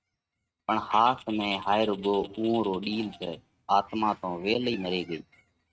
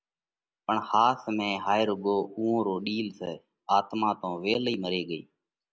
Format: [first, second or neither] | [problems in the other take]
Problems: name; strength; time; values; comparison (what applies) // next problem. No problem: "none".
second | noise reduction (neural mask model RNNoise)